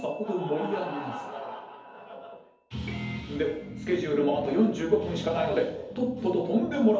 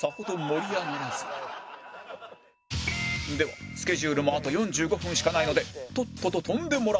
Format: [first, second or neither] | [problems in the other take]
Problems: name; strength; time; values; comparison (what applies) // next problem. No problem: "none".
second | room echo; dies away in 2.2 s